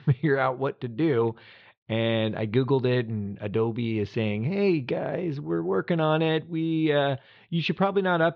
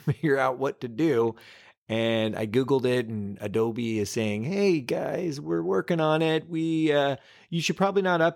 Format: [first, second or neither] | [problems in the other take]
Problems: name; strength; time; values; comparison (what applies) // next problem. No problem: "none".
second | muffled; slightly; fading above 4 kHz